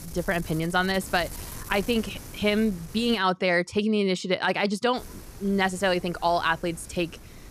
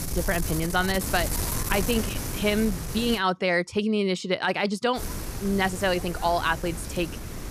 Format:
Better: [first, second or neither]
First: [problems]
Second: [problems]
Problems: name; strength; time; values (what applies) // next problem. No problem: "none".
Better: first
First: wind noise on the microphone; occasional gusts; until 3 s and from 5 s on; 20 dB below the speech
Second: wind noise on the microphone; heavy; until 3 s and from 5 s on; 10 dB below the speech